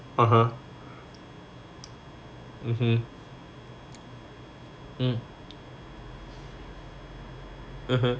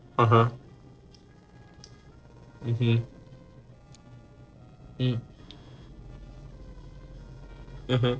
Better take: first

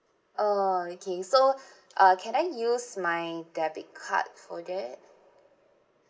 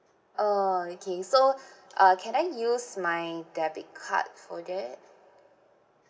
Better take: second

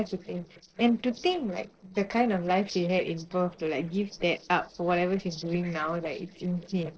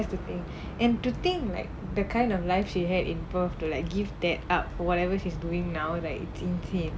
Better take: second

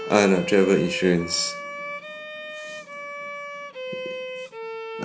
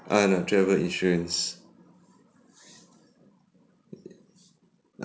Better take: second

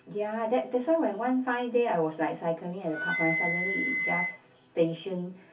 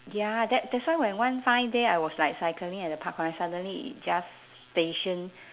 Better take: second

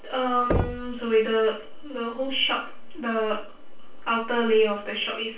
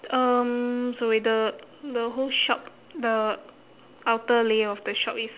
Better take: second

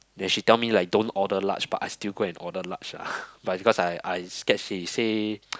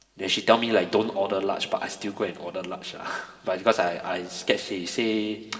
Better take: first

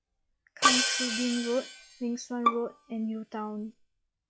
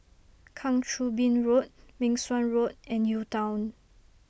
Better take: second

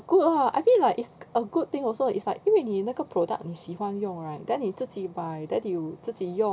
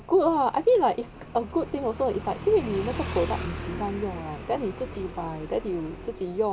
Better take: first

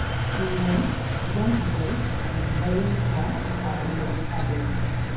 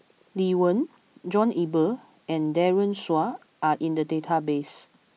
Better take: second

